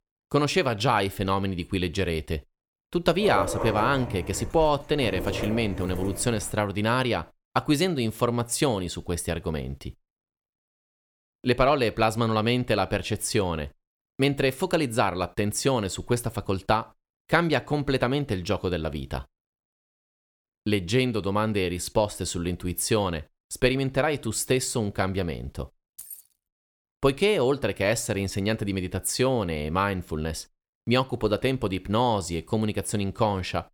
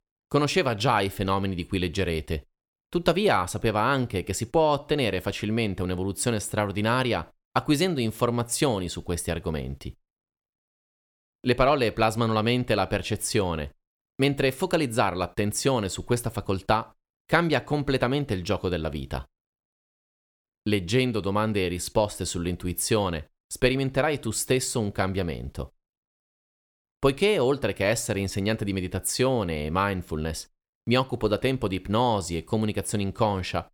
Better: second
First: dog barking; noticeable; from 3 to 6.5 s; peak 3 dB below the speech // jangling keys; faint; at 26 s; peak 15 dB below the speech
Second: none

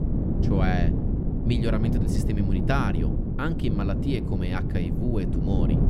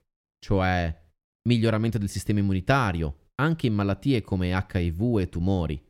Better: second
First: wind noise on the microphone; heavy; 2 dB below the speech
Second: none

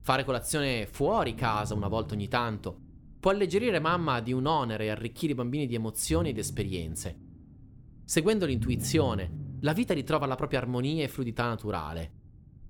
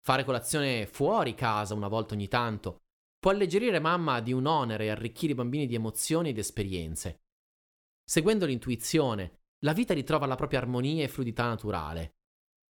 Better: second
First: low rumble; faint; throughout; 20 dB below the speech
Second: none

